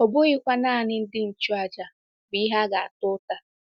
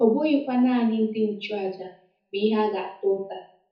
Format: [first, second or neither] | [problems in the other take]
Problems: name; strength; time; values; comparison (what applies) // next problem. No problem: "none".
first | room echo; dies away in 0.6 s